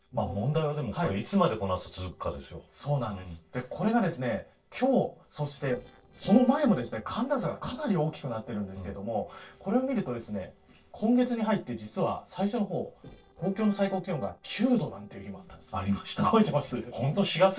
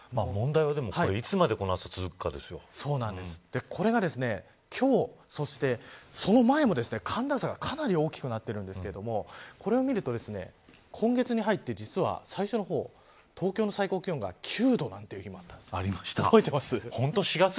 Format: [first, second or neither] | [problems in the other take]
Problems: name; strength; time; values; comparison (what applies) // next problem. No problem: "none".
second | noise reduction (neural separator model SepFormer DNS4)